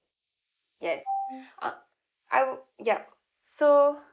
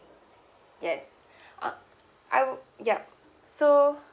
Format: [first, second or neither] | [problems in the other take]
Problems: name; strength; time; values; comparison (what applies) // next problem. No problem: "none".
second | noise reduction (neural mask model Resemble Enhance denoiser)